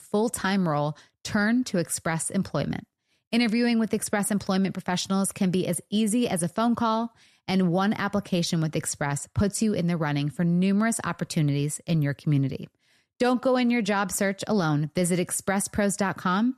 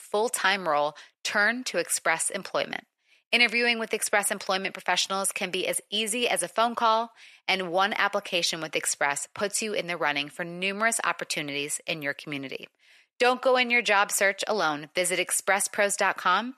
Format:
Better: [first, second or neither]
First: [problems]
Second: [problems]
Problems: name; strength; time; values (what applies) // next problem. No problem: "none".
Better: first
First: none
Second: thin; very; fading below 600 Hz